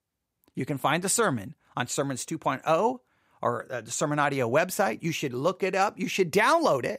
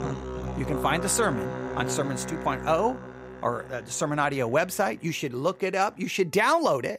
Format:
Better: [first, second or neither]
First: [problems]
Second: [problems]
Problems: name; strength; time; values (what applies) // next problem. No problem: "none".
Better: first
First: none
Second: background music; loud; throughout; 8 dB below the speech